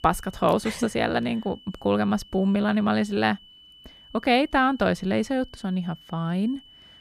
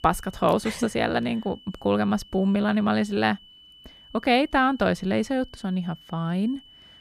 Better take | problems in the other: neither | high-pitched whine; faint; throughout; 3 kHz, 25 dB below the speech; the same in both

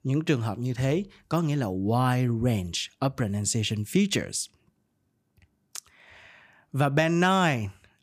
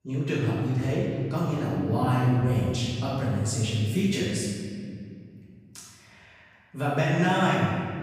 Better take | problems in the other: first | room echo; strong; dies away in 2.3 s // off-mic speech; far

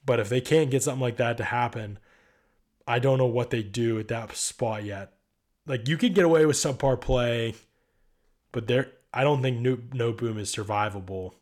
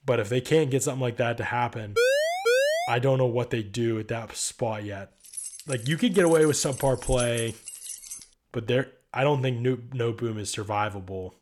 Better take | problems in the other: first | siren; loud; at 2 s; peak 4 dB above the speech // jangling keys; noticeable; from 5.5 to 8 s; peak 7 dB below the speech

